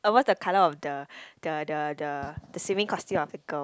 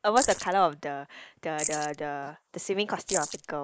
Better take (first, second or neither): first